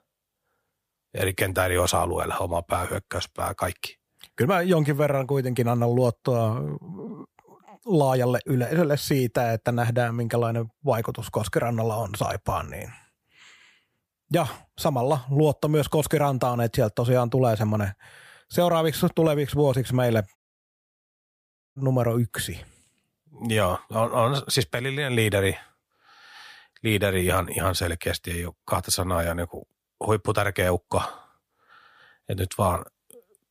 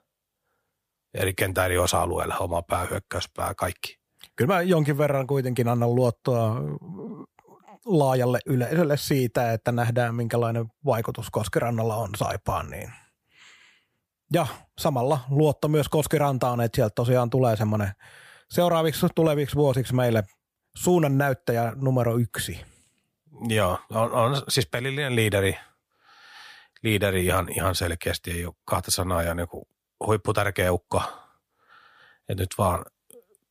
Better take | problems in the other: second | audio cutting out; at 20 s for 1.5 s

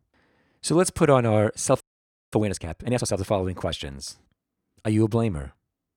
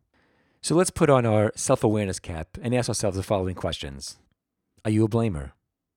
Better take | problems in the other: second | audio freezing; at 2 s for 0.5 s

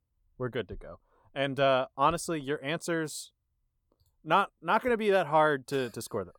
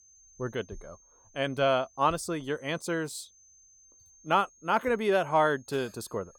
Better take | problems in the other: first | high-pitched whine; faint; throughout; 6.5 kHz, 30 dB below the speech

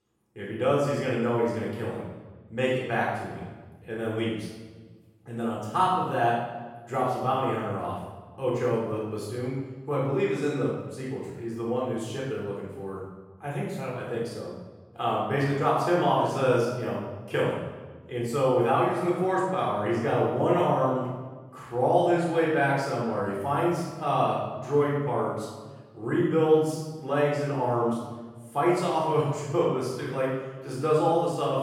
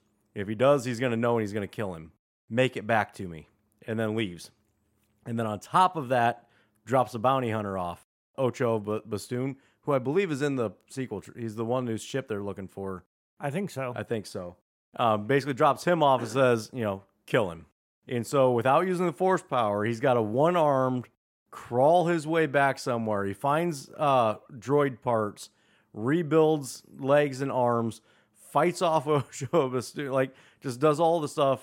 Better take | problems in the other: second | off-mic speech; far // room echo; strong; dies away in 1.1 s

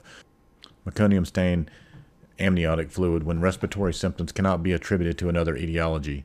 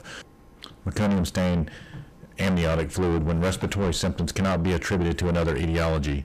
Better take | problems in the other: first | distortion; heavy; 7 dB below the speech

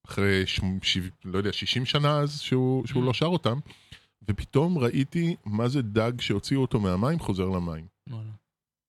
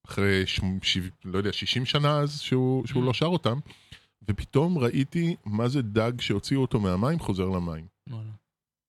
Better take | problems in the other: neither | none

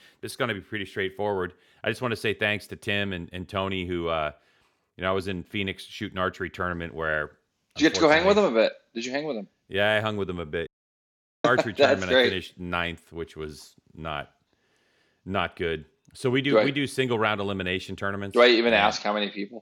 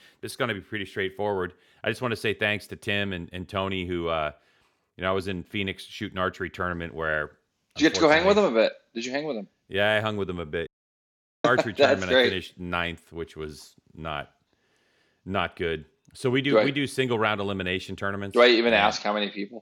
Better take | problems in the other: neither | audio cutting out; at 11 s for 1 s; the same in both

